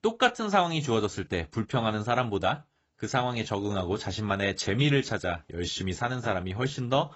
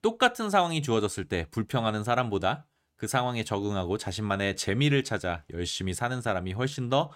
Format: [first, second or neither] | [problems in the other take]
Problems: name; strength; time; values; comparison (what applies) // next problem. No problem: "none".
second | garbled, watery; badly; nothing above 8 kHz